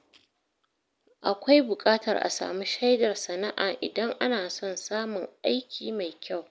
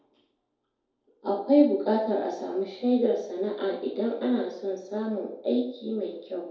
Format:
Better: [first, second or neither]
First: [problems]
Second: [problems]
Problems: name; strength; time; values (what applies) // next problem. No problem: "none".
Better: first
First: none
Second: room echo; dies away in 2.3 s